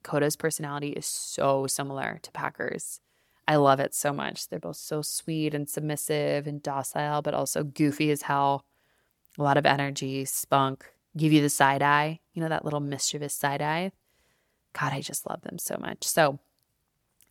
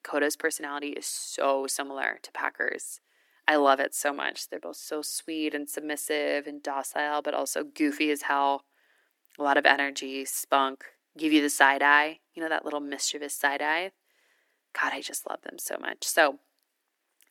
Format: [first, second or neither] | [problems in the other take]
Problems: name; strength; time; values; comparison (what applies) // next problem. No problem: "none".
first | thin; very slightly; fading below 300 Hz